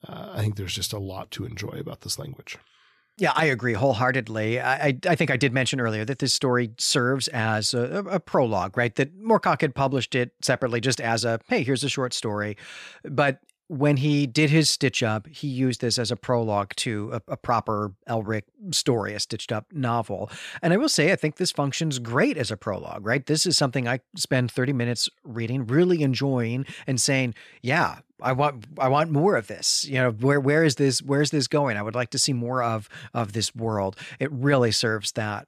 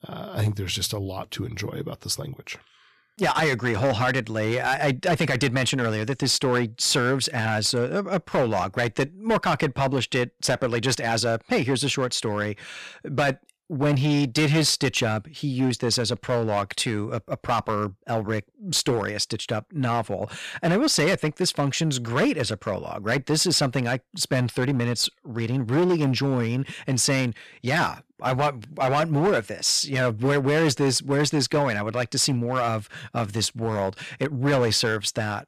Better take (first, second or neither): first